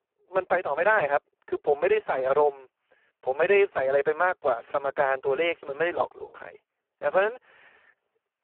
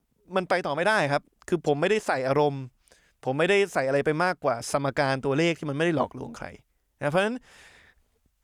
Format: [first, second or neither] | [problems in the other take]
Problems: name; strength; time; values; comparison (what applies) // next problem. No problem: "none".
second | phone-call audio; poor line